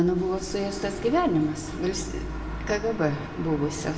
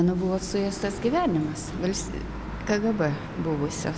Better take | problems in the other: second | room echo; dies away in 0.6 s

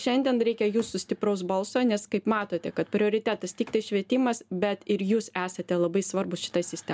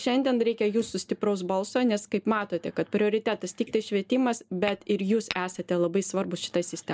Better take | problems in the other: first | noise reduction (neural mask model Resemble Enhance denoiser)

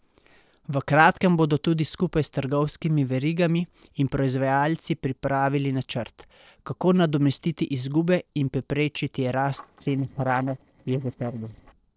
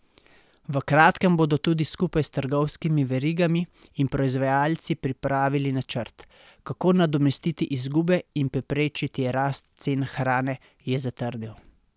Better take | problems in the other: second | noise reduction (neural separator model SepFormer DNS4)

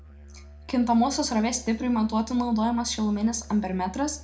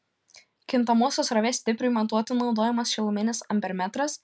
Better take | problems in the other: second | background sound (Musical instrument); 19 dB below the speech // room echo; dies away in 0.4 s

